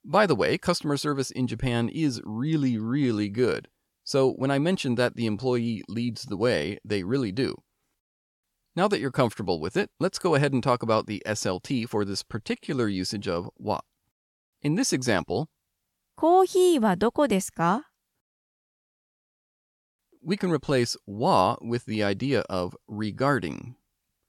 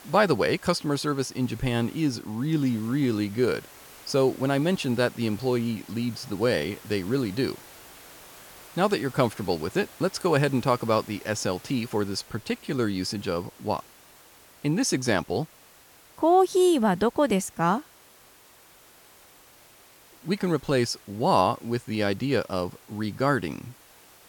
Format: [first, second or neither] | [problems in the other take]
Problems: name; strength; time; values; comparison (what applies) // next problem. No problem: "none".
first | hiss; faint; throughout; 20 dB below the speech